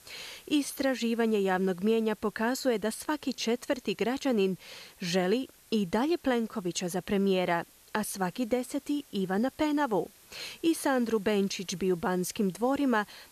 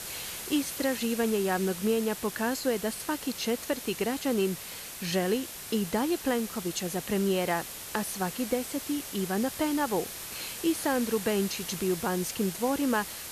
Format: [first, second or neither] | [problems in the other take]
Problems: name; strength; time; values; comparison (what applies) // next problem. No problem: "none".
first | hiss; loud; throughout; 8 dB below the speech; faint in the first